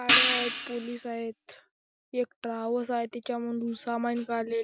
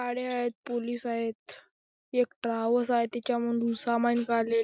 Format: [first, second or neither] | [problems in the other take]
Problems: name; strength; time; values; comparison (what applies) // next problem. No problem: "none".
second | background sound (Hi-hat); 4 dB above the speech